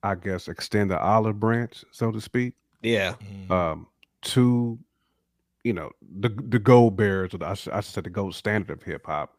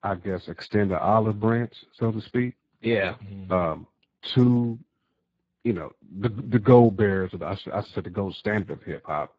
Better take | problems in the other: first | garbled, watery; badly

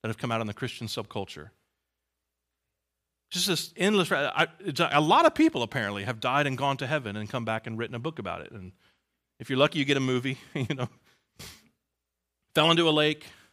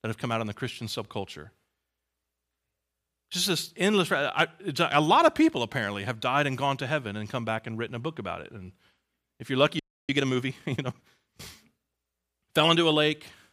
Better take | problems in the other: first | audio freezing; at 10 s

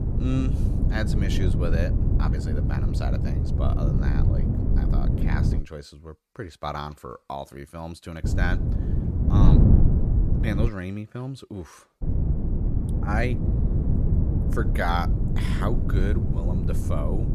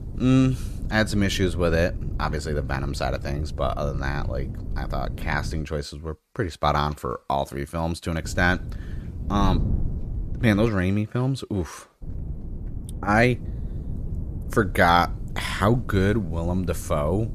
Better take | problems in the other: second | wind noise on the microphone; heavy; until 5.5 s, from 8 to 11 s and from 12 s on; 2 dB below the speech; occasional gusts in the second

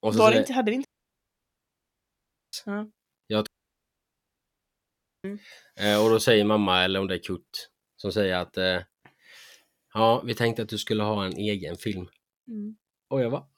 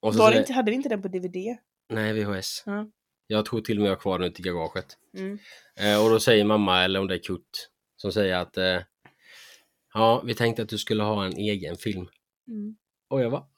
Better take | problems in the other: second | audio cutting out; at 1 s for 1.5 s and at 3.5 s for 2 s

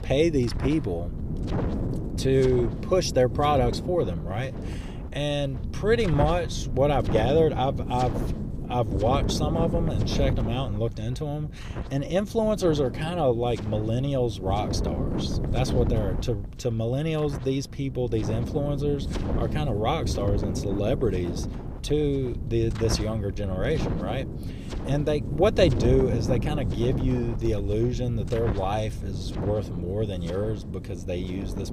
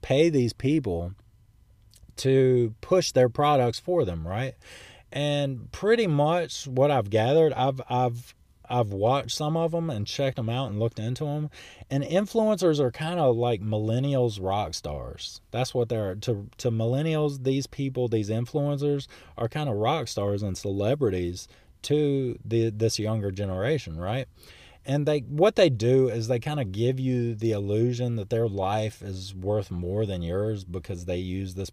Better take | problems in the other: second | wind noise on the microphone; heavy; 10 dB below the speech

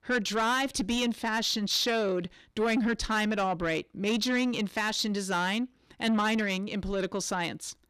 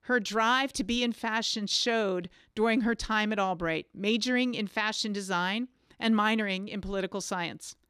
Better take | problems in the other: second | distortion; slight; 10 dB below the speech

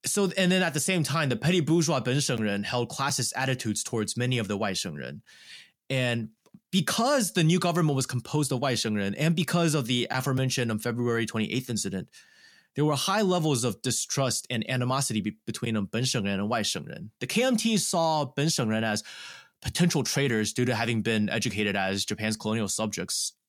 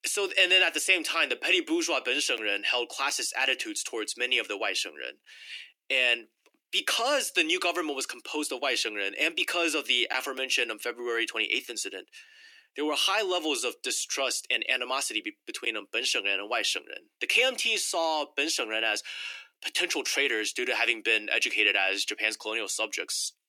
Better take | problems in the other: first | thin; very; fading below 300 Hz

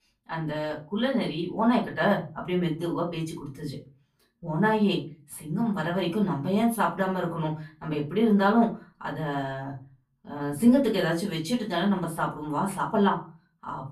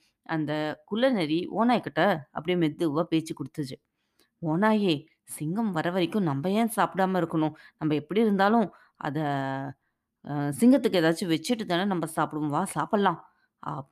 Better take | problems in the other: second | off-mic speech; far // room echo; very slight; dies away in 0.3 s

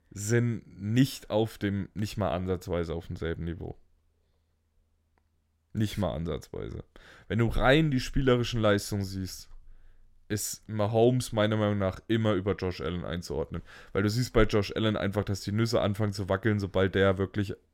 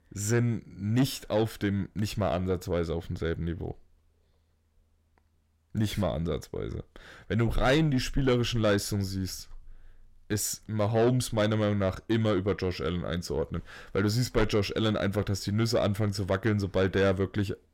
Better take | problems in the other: first | distortion; slight; 10 dB below the speech

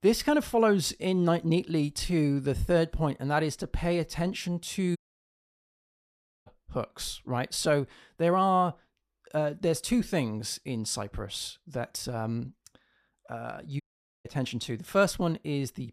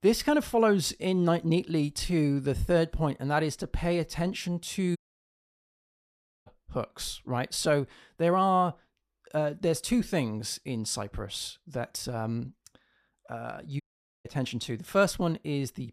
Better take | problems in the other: neither | audio cutting out; at 5 s for 1.5 s and at 14 s; the same in both

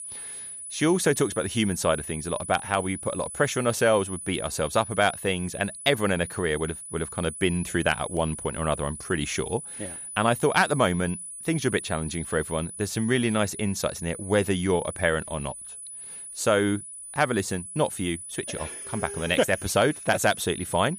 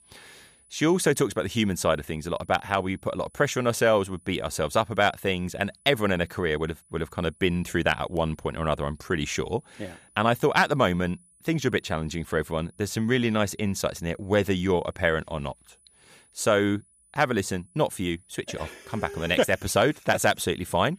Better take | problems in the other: second | high-pitched whine; loud; throughout; 10 kHz, 10 dB below the speech; faint in the second

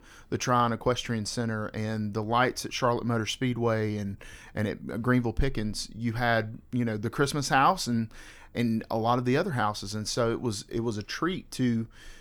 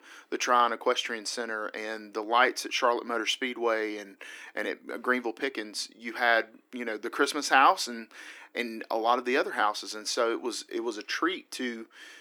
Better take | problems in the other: first | thin; somewhat; fading below 300 Hz

